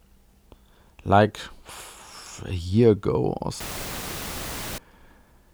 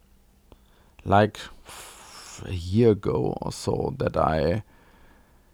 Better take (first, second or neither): second